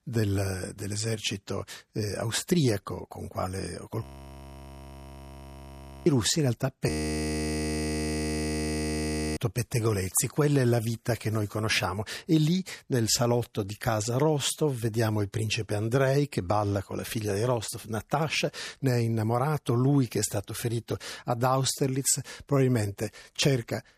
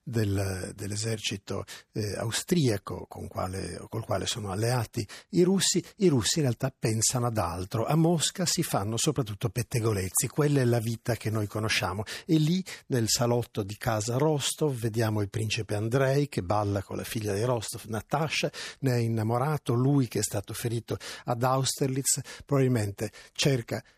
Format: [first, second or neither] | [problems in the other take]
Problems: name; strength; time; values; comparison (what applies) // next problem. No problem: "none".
second | audio freezing; at 4 s for 2 s and at 7 s for 2.5 s